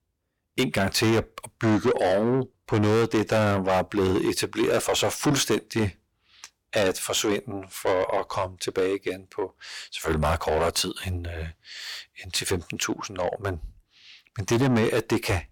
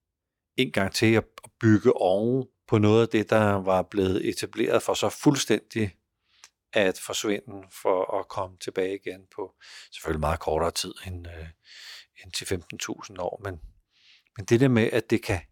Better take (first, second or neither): second